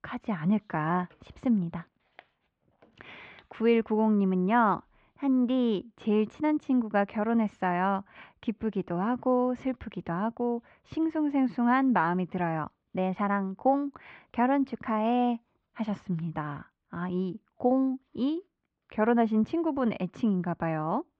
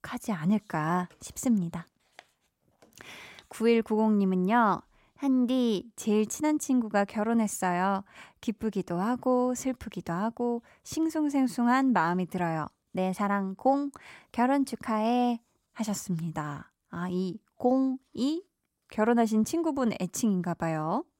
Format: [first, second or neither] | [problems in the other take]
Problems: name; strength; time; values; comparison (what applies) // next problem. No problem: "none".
second | muffled; very; fading above 3 kHz